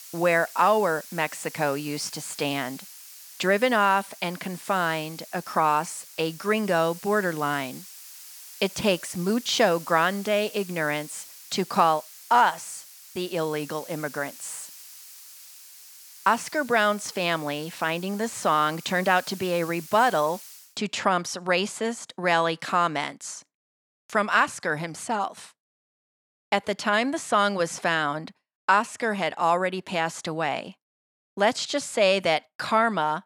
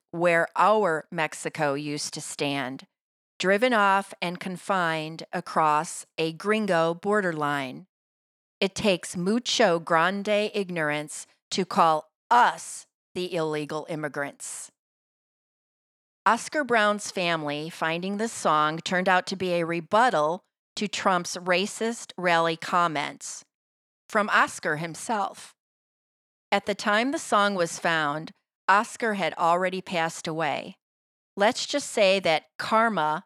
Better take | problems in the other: second | hiss; noticeable; until 21 s; 15 dB below the speech

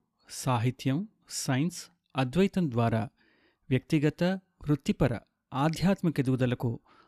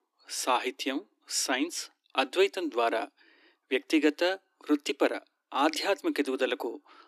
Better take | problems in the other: first | thin; somewhat; fading below 300 Hz

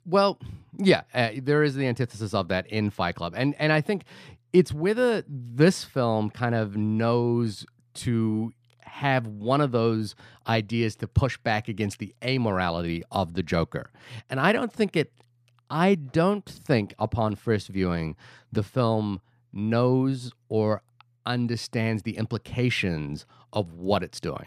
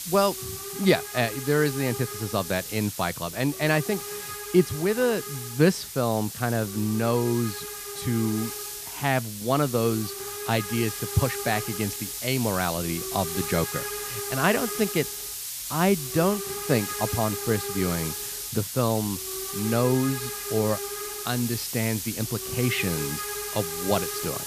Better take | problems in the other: first | hiss; loud; throughout; 5 dB below the speech

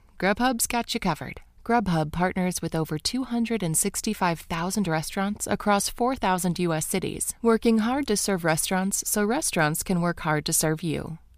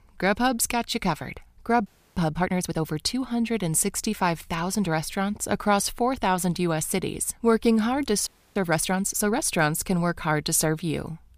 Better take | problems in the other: first | audio freezing; at 2 s and at 8.5 s

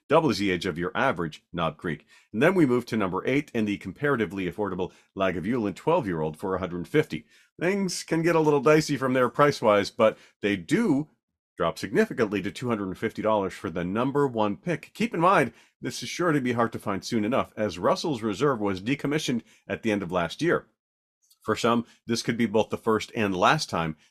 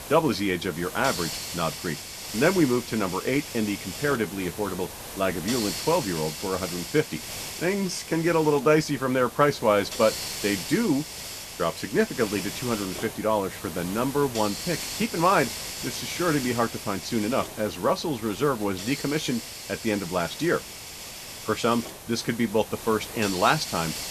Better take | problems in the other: first | hiss; loud; throughout; 8 dB below the speech

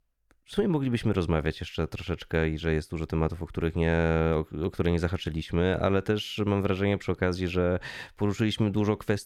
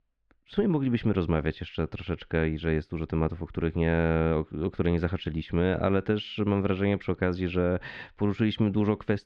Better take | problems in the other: first | muffled; slightly; fading above 3.5 kHz

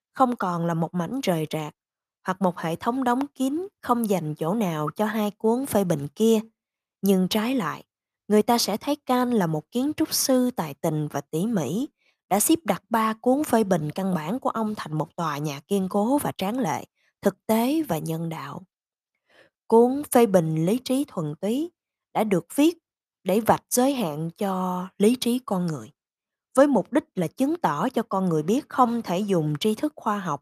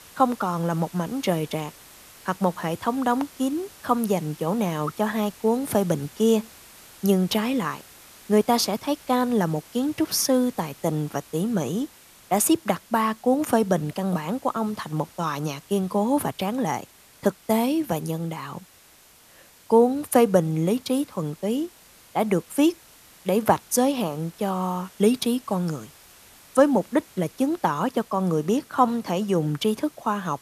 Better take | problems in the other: first | hiss; faint; throughout; 25 dB below the speech

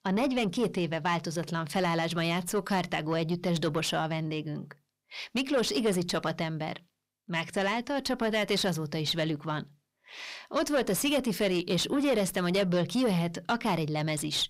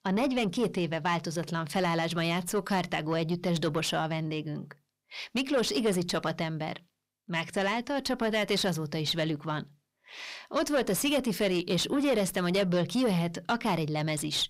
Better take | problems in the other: neither | distortion; slight; 10 dB below the speech; the same in both

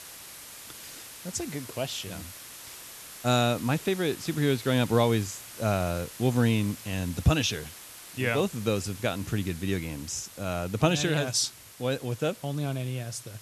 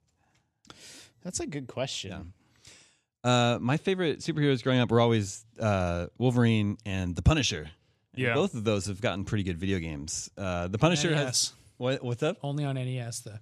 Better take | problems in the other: second | hiss; noticeable; throughout; 15 dB below the speech

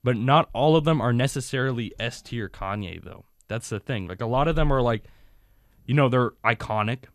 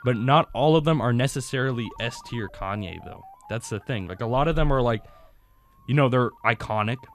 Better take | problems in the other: first | alarms or sirens; faint; throughout; 25 dB below the speech

